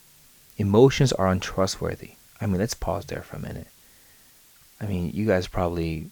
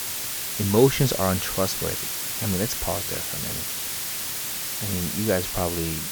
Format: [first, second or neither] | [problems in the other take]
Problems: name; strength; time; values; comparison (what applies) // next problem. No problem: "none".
first | hiss; loud; throughout; 1 dB below the speech; faint in the first